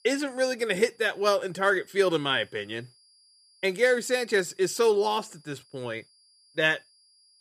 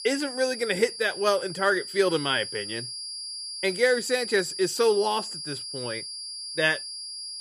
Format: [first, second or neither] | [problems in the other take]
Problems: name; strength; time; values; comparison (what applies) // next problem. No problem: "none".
first | high-pitched whine; loud; throughout; 4.5 kHz, 8 dB below the speech; faint in the first